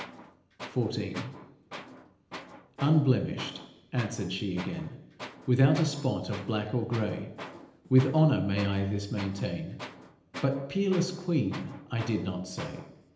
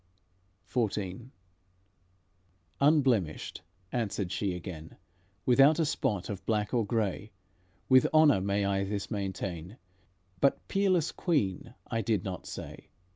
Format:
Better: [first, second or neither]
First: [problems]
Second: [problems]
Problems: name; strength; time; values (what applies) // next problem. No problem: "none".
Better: second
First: background sound (Tools); 16 dB below the speech // room echo; dies away in 0.8 s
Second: none